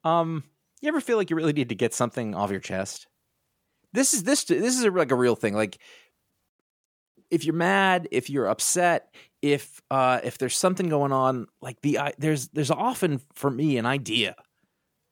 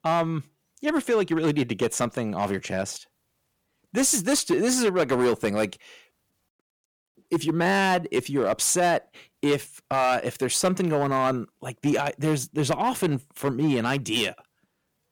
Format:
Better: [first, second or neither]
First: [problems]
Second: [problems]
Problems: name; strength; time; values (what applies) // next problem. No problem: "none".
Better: first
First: none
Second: distortion; slight; 5% of the sound clipped